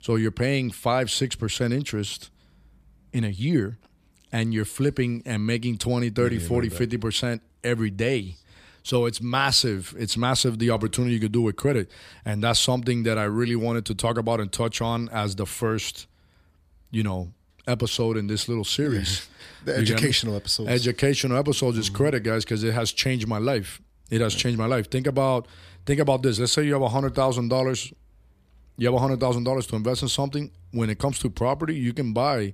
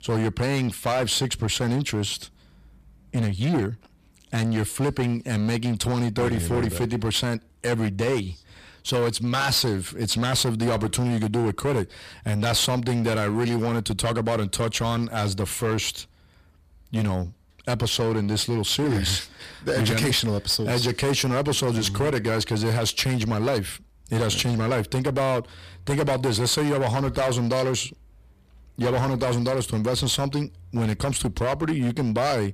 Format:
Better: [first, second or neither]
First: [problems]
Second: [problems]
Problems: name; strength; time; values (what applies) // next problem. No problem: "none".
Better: first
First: none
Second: distortion; heavy; 16% of the sound clipped